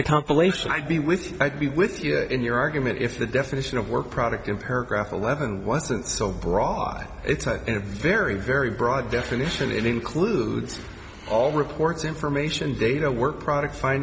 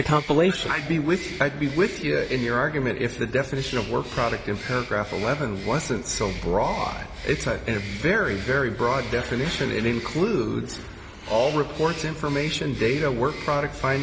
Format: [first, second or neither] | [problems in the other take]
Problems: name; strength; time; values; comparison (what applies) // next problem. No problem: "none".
first | background sound (Bird); 16 dB below the speech